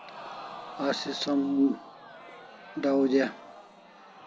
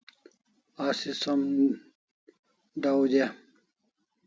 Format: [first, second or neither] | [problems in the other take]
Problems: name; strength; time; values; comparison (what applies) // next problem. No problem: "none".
second | background sound (Crowd); 15 dB below the speech